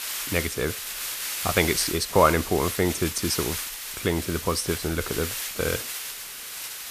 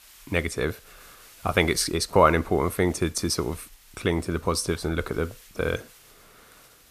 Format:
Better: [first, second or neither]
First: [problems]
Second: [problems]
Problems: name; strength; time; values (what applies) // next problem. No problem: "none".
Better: second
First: hiss; loud; throughout; 5 dB below the speech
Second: hiss; faint; throughout; 25 dB below the speech